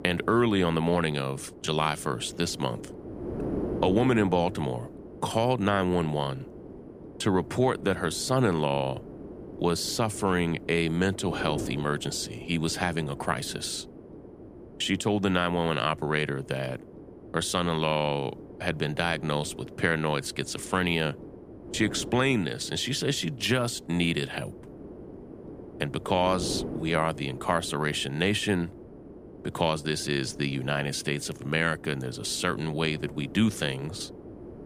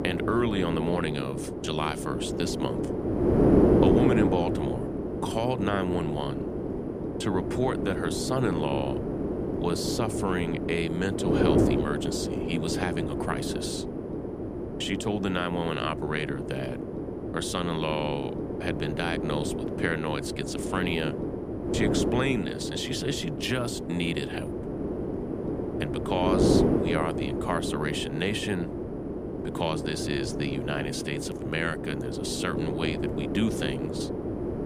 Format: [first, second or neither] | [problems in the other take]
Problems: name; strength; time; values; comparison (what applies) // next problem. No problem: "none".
first | wind noise on the microphone; heavy; 1 dB below the speech; occasional gusts in the first